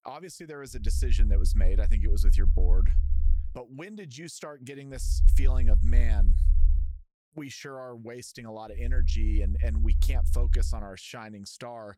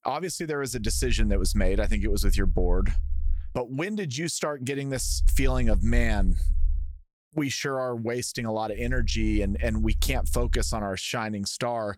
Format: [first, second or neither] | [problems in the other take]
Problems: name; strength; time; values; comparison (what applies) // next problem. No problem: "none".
second | low rumble; loud; from 1 to 3.5 s, from 5 to 7 s and from 9 to 11 s; 8 dB below the speech; faint in the second